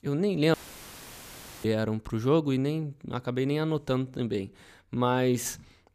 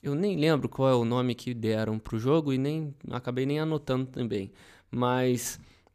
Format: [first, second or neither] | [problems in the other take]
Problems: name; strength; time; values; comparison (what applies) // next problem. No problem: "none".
second | audio cutting out; filled with static; at 0.5 s for 1 s